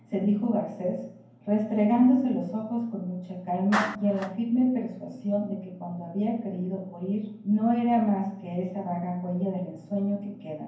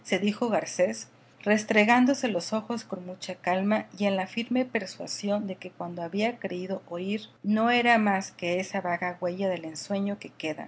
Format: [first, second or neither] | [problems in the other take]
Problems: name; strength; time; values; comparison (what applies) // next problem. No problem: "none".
second | background sound (Clapping); 16 dB below the speech // room echo; dies away in 0.9 s